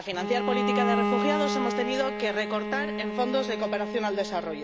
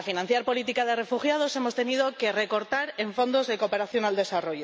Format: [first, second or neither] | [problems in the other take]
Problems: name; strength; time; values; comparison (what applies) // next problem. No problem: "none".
second | background sound (Bowed string instrument); as loud as the speech